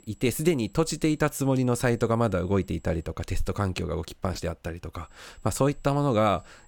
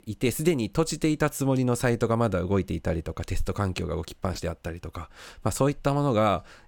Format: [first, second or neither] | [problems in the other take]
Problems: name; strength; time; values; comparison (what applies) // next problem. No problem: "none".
second | high-pitched whine; faint; until 3 s and from 5 s on; 8 kHz, 35 dB below the speech